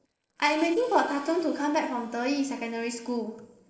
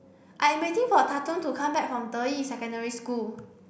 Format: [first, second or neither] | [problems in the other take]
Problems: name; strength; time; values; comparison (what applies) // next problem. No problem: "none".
second | noise reduction (neural separator model SepFormer DNS4)